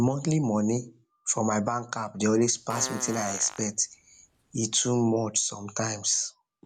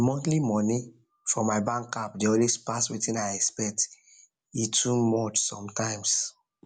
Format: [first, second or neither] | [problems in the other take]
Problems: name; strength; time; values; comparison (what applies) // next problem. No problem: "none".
second | background sound (Fart); 15 dB below the speech